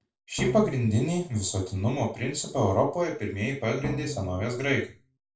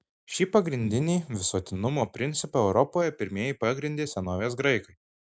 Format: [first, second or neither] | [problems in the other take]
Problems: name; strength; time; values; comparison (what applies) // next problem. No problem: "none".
second | background sound (Drum); 10 dB below the speech // room echo; dies away in 0.3 s